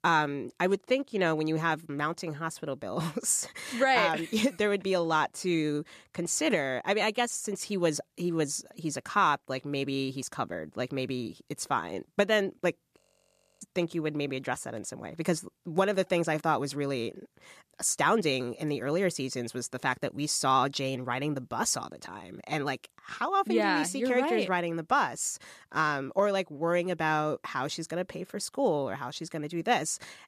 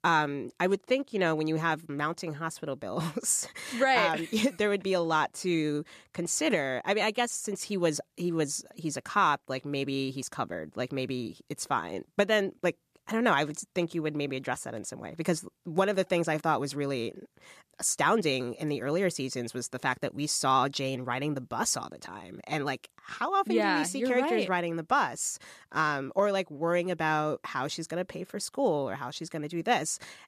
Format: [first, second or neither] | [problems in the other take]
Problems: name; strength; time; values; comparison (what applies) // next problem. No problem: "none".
second | audio freezing; at 13 s for 0.5 s